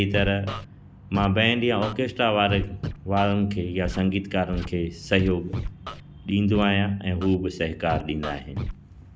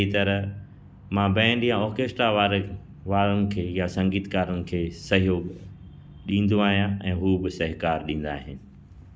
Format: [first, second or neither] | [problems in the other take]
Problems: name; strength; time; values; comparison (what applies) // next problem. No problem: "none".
second | background sound (Scratching (performance technique)); 11 dB below the speech